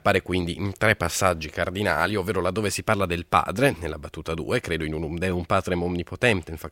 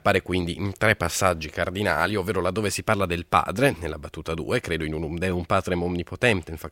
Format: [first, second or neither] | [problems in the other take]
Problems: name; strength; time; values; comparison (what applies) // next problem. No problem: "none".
neither | none